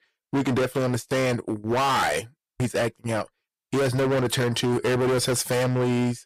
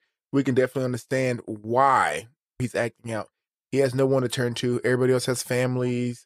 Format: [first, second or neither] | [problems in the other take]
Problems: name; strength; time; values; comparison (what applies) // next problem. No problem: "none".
second | distortion; heavy; 26% of the sound clipped